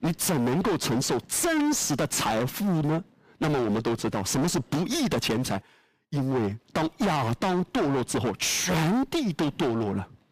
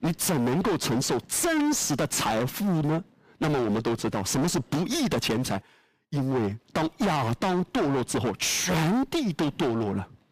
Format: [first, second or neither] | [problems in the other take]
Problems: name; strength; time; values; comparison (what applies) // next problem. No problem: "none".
neither | distortion; heavy; 30% of the sound clipped; the same in both